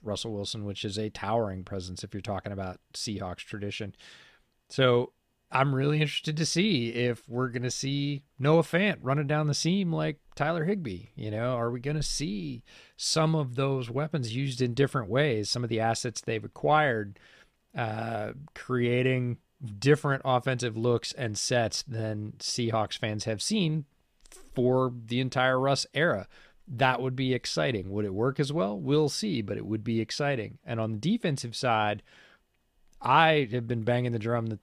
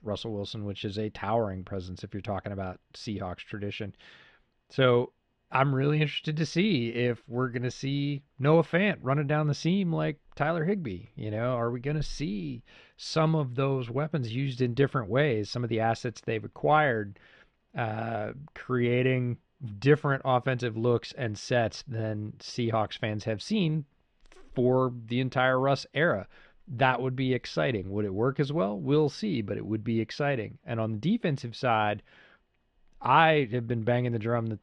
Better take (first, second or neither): first